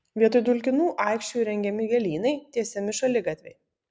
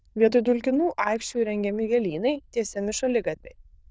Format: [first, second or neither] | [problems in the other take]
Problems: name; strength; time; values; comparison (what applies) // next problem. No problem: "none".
first | noise reduction (neural diffusion model UNIVERSE++)